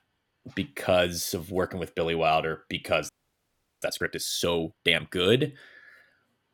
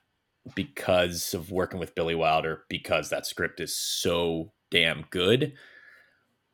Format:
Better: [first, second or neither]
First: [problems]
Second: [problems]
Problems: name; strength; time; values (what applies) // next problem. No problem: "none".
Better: second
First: audio freezing; at 3 s for 0.5 s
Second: none